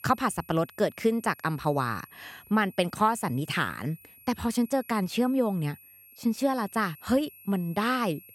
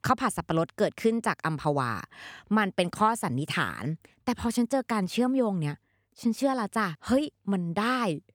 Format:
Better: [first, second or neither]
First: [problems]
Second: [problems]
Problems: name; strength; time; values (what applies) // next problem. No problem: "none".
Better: second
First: high-pitched whine; faint; throughout; 11.5 kHz, 20 dB below the speech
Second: none